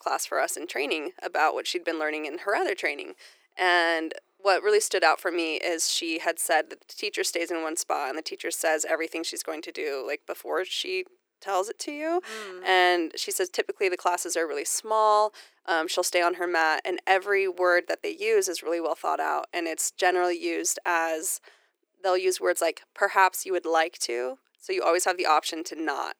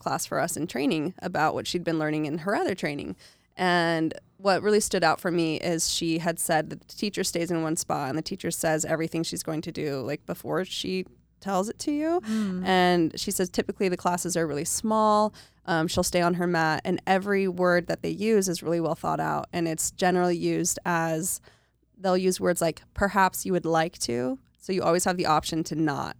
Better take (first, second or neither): second